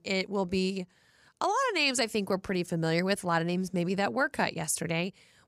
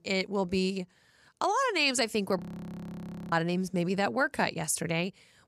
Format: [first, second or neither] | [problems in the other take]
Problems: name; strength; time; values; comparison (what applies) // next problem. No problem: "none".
first | audio freezing; at 2.5 s for 1 s